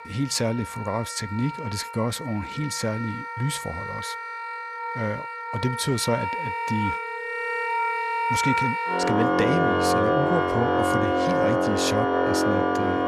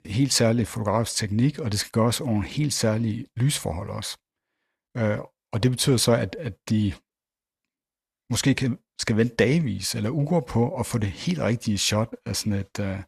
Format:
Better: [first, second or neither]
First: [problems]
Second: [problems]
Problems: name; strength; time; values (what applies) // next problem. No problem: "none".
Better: second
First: background music; very loud; throughout; 4 dB above the speech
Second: none